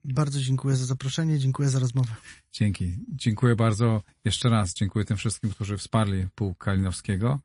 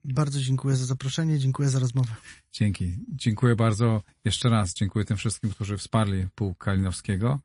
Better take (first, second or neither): neither